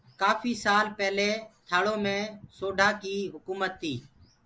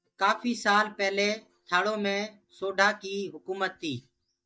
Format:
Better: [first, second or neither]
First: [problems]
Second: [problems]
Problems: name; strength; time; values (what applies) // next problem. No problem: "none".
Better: first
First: none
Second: noise reduction (neural mask model DeepFilterNet 3)